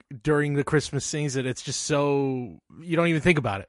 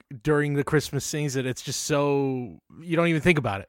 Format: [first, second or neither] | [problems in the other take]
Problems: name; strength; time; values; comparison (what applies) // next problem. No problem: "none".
second | garbled, watery; slightly; nothing above 10.5 kHz